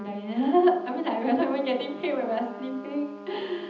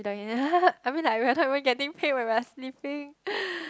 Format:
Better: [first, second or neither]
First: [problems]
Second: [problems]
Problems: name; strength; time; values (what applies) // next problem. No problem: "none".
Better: second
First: background sound (Trumpet); 16 dB below the speech // room echo; dies away in 0.8 s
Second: none